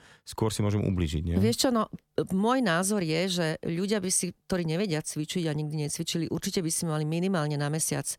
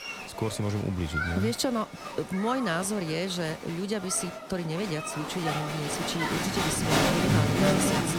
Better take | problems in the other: first | crowd noise; very loud; throughout; 1 dB above the speech

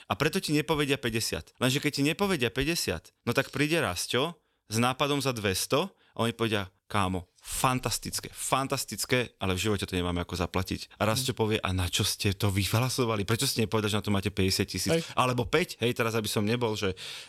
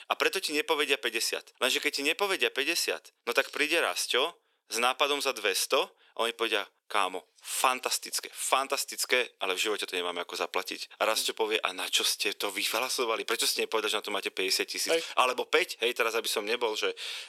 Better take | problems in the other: first | thin; very; fading below 400 Hz

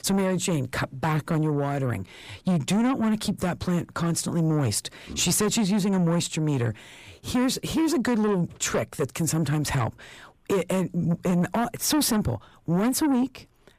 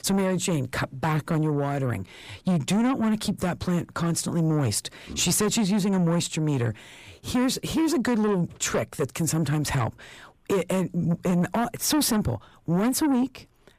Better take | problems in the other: neither | distortion; slight; 10 dB below the speech; the same in both

